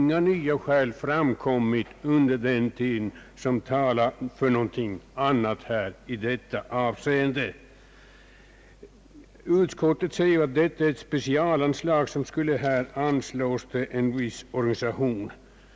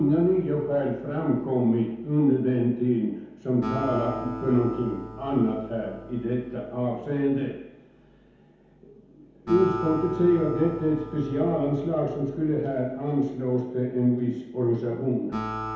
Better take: first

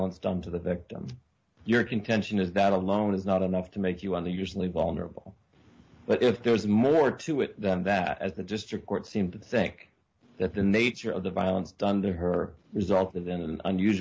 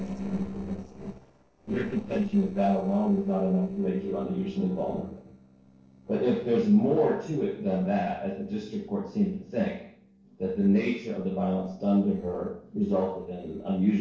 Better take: first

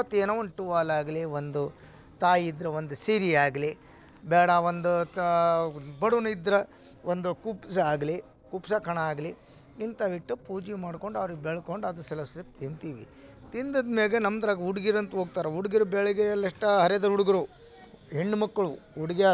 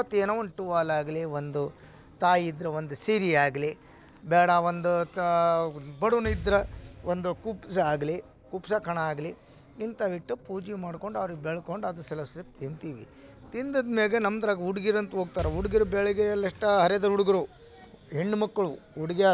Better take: first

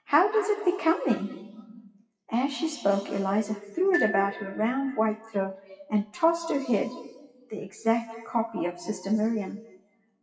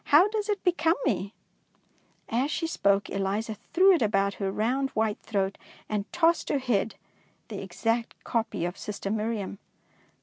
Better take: second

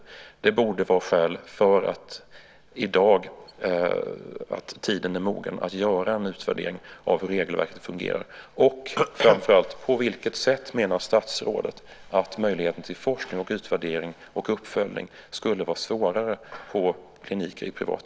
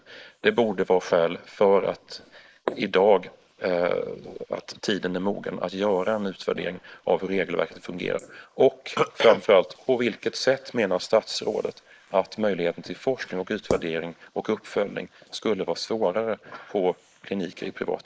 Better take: first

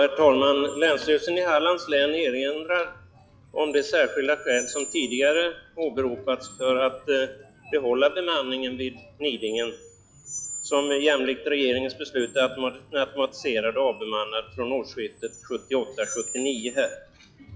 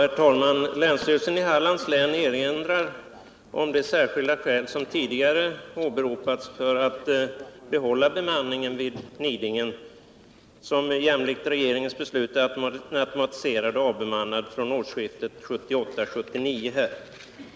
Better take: second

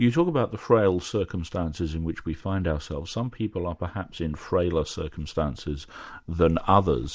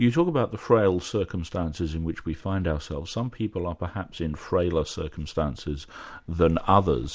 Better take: second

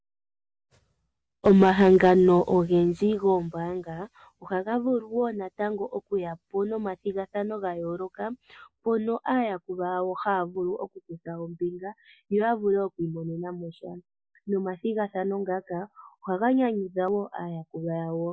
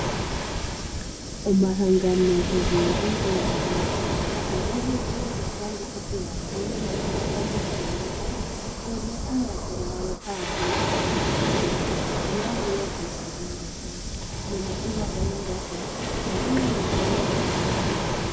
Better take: first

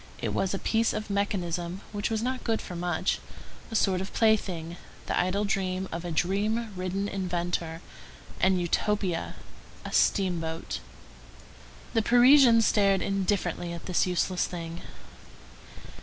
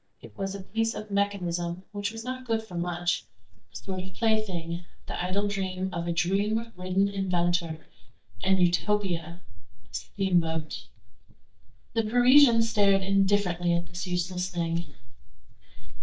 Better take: first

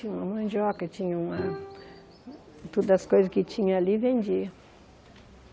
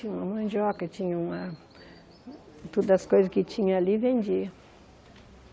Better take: second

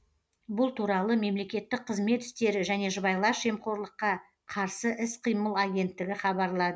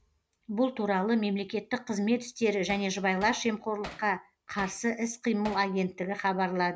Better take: first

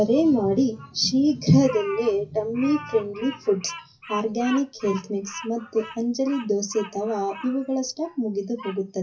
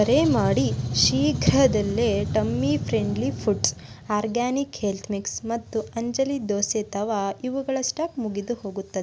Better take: second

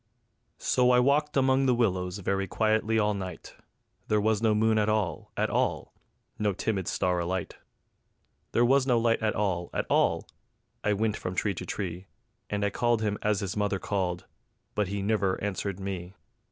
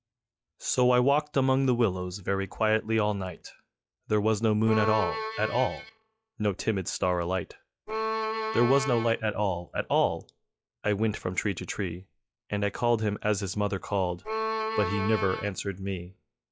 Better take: first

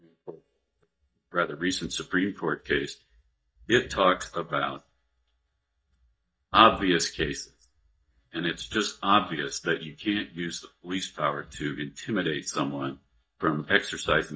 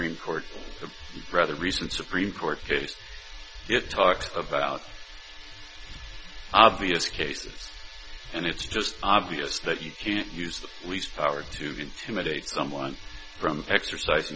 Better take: second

